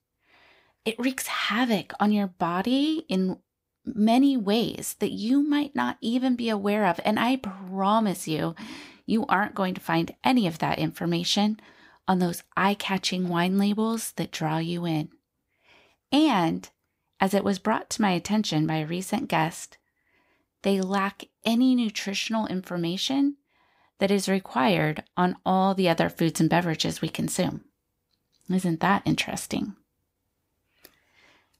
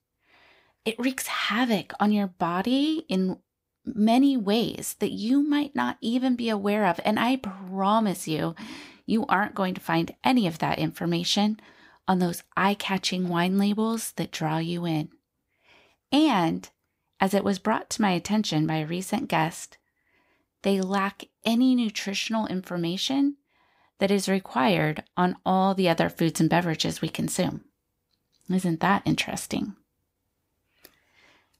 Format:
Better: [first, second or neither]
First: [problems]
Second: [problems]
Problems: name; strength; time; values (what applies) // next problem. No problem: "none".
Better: neither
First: none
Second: none